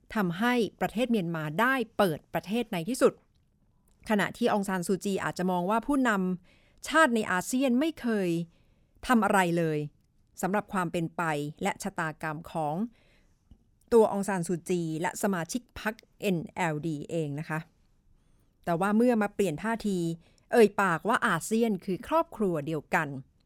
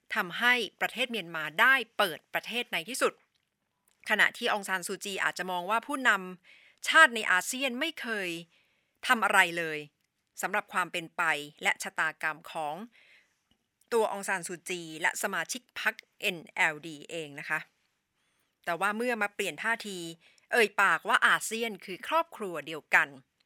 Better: first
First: none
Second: thin; somewhat; fading below 1 kHz

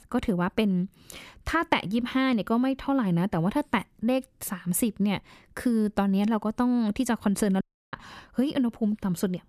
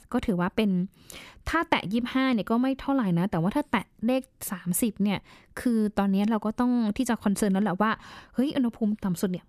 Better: second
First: audio cutting out; at 7.5 s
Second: none

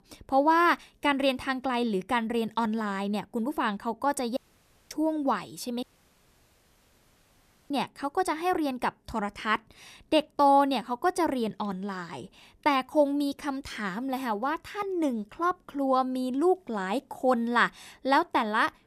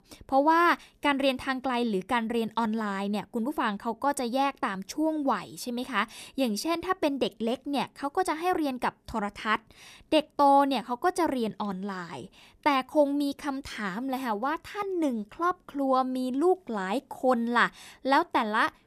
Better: second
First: audio cutting out; at 4.5 s for 0.5 s and at 6 s for 2 s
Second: none

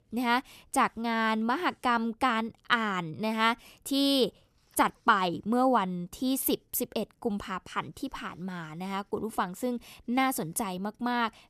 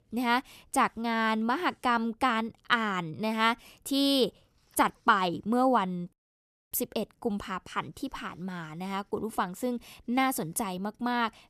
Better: first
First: none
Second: audio cutting out; at 6 s for 0.5 s

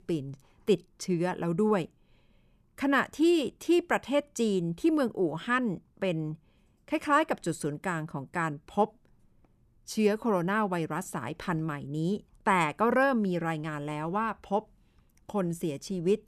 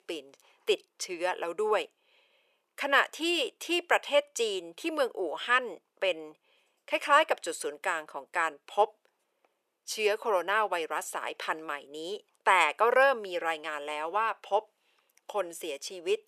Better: first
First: none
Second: thin; very; fading below 500 Hz

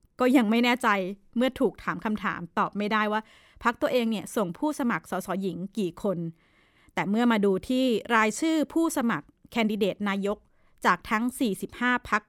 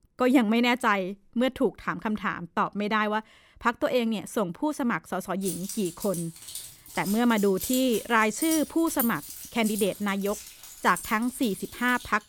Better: first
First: none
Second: jangling keys; noticeable; from 5.5 s on; peak 4 dB below the speech

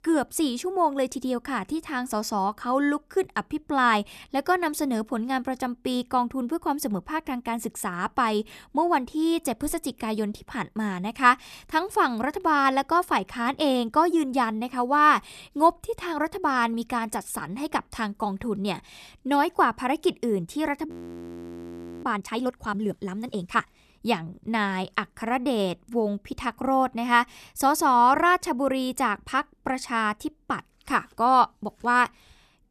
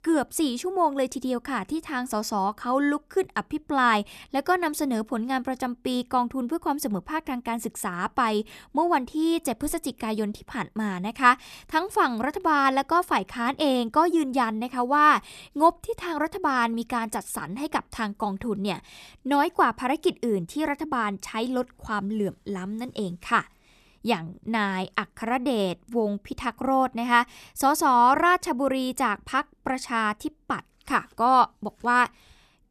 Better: second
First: audio freezing; at 21 s for 1 s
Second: none

